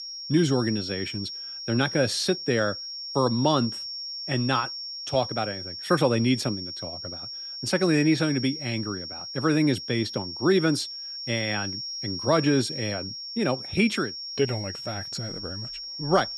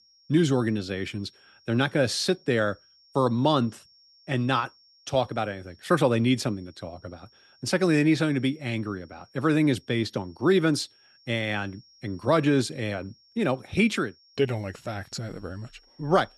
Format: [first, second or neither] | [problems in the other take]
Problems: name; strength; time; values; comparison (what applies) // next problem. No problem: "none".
second | high-pitched whine; loud; throughout; 5.5 kHz, 7 dB below the speech; faint in the second